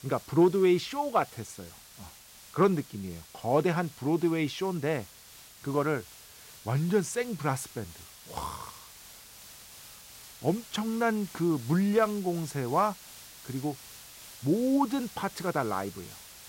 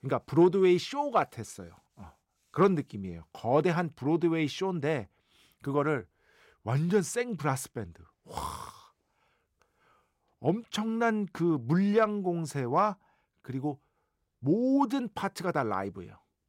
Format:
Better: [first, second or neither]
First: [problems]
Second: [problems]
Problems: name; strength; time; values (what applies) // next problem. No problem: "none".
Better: second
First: hiss; noticeable; throughout; 20 dB below the speech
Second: none